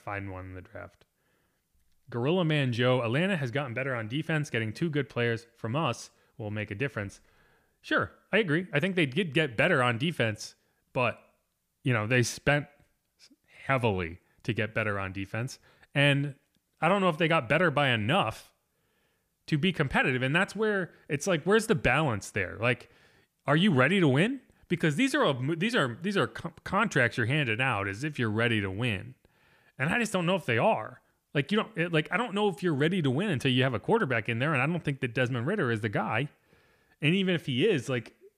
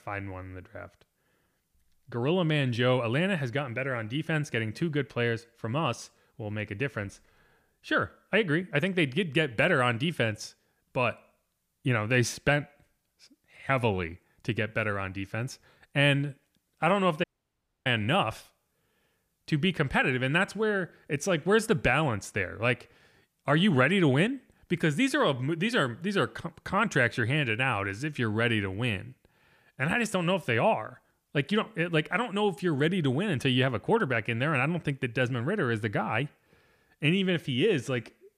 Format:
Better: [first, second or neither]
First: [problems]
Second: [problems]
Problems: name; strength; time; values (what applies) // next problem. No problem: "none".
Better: first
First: none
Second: audio cutting out; at 17 s for 0.5 s